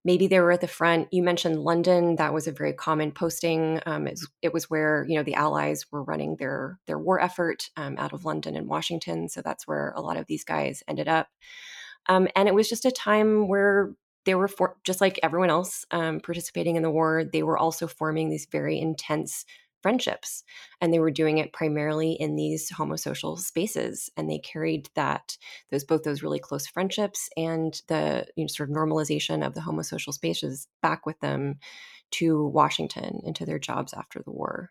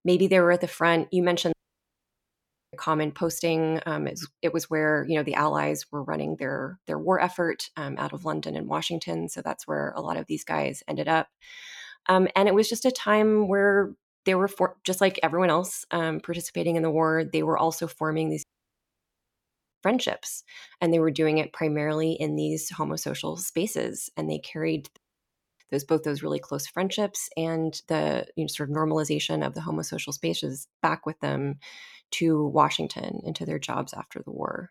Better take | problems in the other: first | audio cutting out; at 1.5 s for 1 s, at 18 s for 1.5 s and at 25 s for 0.5 s

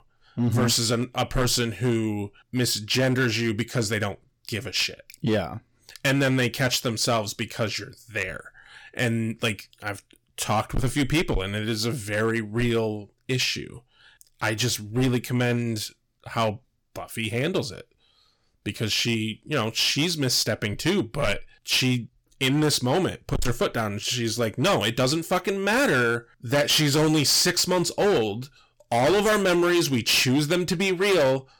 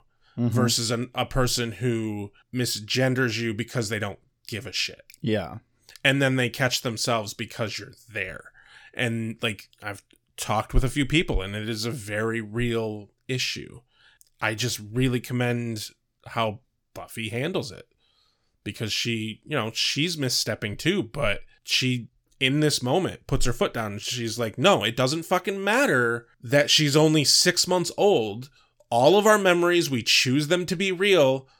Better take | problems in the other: second | distortion; heavy; 9% of the sound clipped

